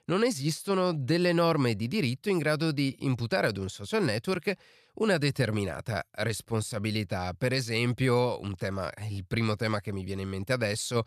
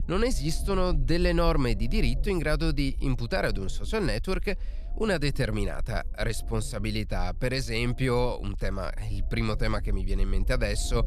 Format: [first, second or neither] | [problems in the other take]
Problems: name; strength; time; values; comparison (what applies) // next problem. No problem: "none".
first | low rumble; faint; throughout; 25 dB below the speech